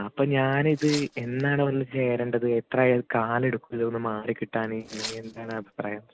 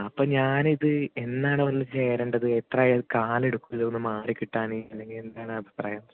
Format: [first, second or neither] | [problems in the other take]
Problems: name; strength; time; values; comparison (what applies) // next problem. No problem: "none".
second | background sound (Tearing); 15 dB below the speech